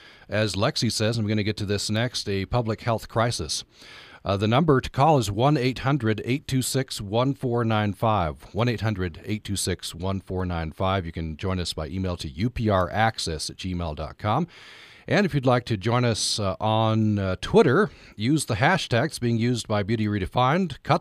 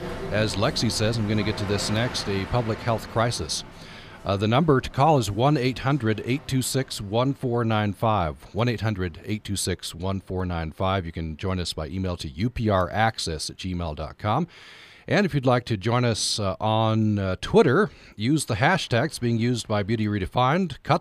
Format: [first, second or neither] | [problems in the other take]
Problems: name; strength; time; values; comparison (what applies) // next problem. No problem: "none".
first | train or aircraft noise; noticeable; throughout; 15 dB below the speech